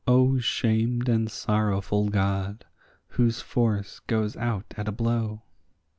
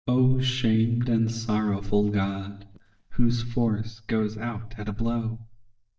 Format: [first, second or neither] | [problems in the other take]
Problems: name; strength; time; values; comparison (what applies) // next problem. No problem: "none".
first | noise reduction (neural mask model DeepFilterNet 3)